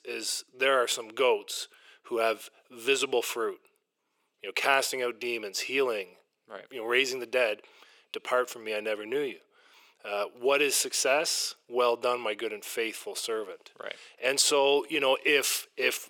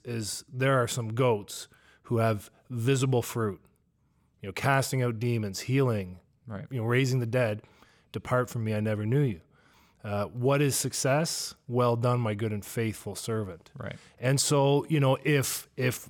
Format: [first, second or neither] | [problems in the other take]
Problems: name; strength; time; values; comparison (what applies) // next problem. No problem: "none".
second | thin; very; fading below 400 Hz